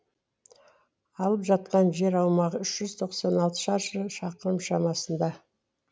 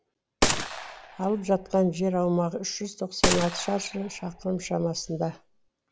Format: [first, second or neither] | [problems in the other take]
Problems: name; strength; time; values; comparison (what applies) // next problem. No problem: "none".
first | background sound (Gunshot, gunfire); 3 dB below the speech